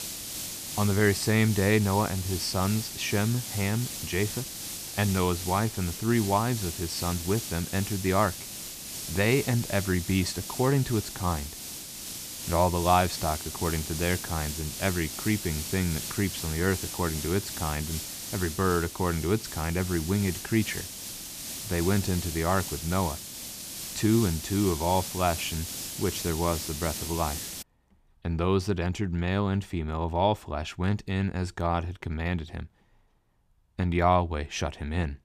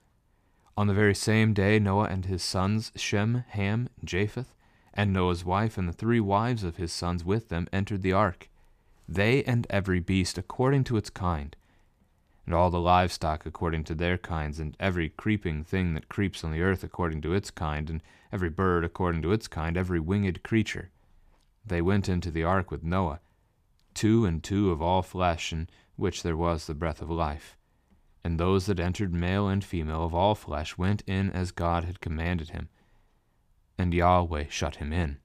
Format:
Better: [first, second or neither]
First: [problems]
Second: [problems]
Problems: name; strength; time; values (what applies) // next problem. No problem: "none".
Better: second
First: hiss; loud; until 28 s; 6 dB below the speech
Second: none